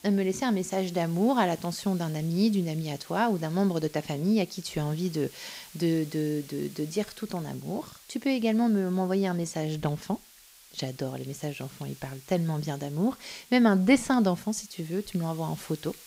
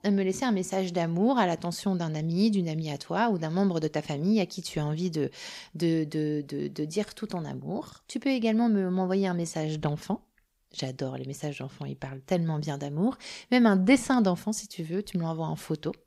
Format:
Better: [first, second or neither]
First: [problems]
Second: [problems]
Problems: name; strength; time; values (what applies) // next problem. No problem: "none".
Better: second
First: hiss; faint; throughout; 20 dB below the speech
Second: none